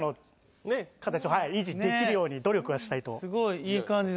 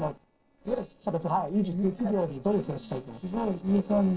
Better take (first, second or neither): first